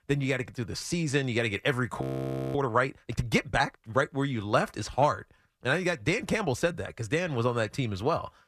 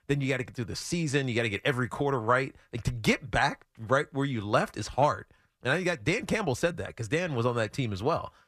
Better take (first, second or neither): second